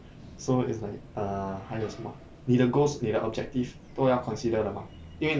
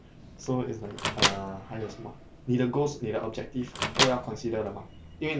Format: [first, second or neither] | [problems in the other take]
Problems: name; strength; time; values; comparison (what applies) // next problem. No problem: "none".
first | background sound (Microwave oven); 2 dB below the speech